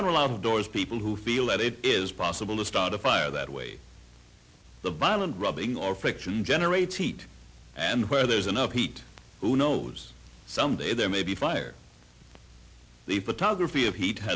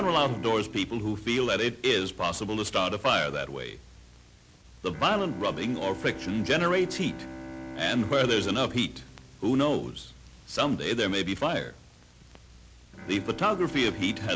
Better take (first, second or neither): first